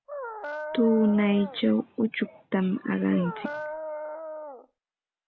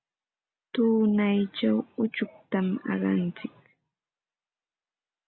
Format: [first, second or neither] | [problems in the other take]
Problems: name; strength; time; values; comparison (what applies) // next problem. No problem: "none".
second | background sound (Dog); 9 dB below the speech